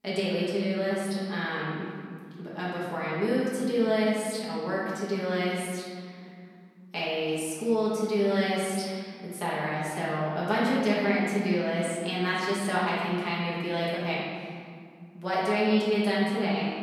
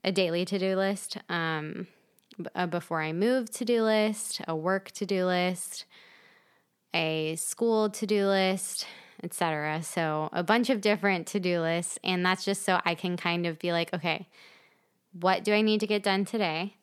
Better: second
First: off-mic speech; far // room echo; strong; dies away in 2 s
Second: none

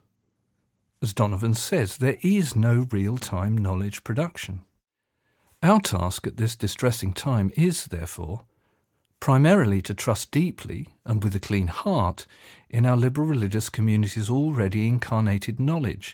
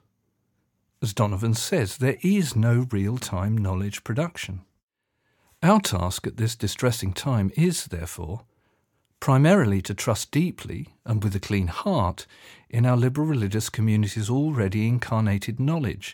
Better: second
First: garbled, watery; slightly; nothing above 17.5 kHz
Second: none

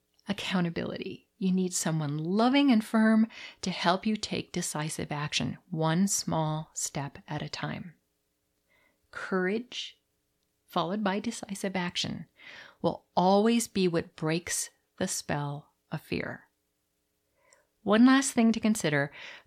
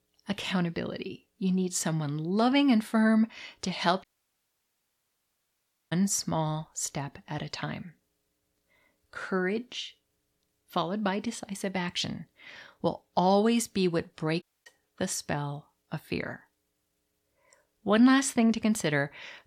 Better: first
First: none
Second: audio cutting out; at 4 s for 2 s and at 14 s

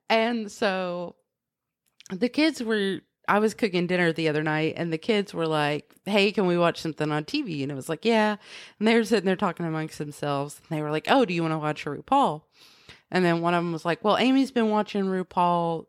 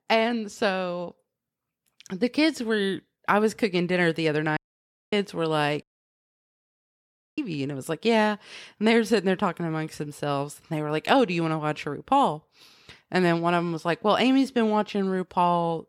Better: first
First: none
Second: audio cutting out; at 4.5 s for 0.5 s and at 6 s for 1.5 s

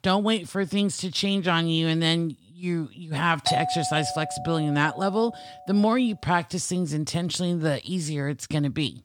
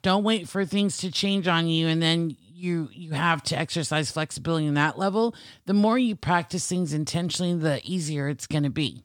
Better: second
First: doorbell; noticeable; from 3.5 to 5.5 s; peak 1 dB below the speech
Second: none

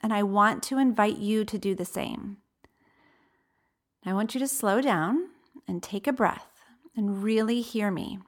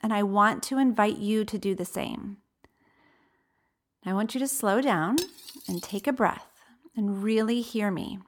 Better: first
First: none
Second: clattering dishes; noticeable; at 5 s; peak 8 dB below the speech

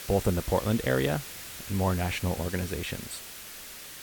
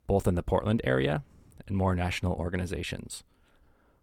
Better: second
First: hiss; loud; throughout; 10 dB below the speech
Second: none

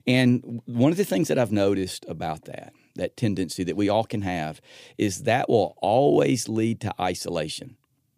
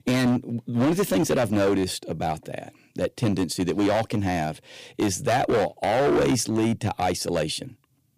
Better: first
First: none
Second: distortion; heavy; 12% of the sound clipped

